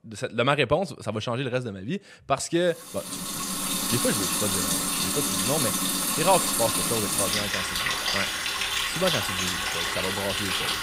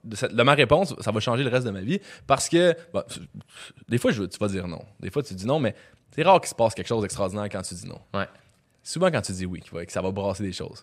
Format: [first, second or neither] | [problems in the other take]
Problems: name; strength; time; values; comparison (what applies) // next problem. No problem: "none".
second | household noises; very loud; from 3.5 s on; 4 dB above the speech